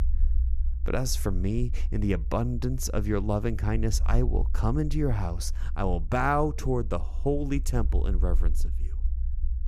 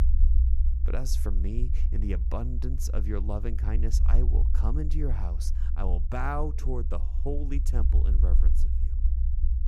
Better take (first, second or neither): first